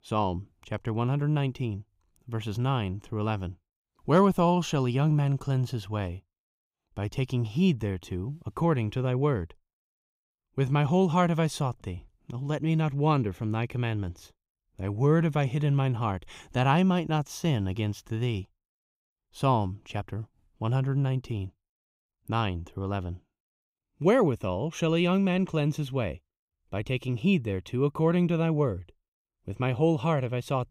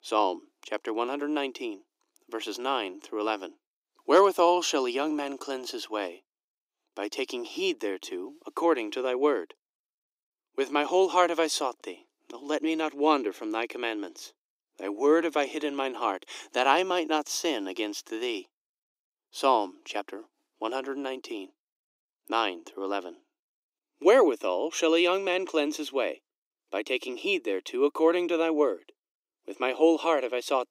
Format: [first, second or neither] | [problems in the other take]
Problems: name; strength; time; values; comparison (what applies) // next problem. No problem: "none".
first | thin; very; fading below 300 Hz